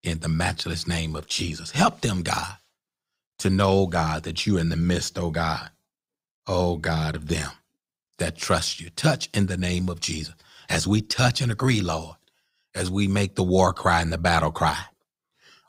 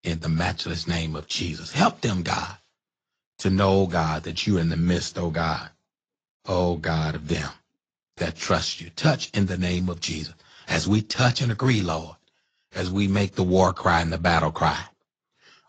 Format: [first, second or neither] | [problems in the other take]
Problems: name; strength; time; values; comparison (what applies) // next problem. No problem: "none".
first | garbled, watery; slightly; nothing above 7.5 kHz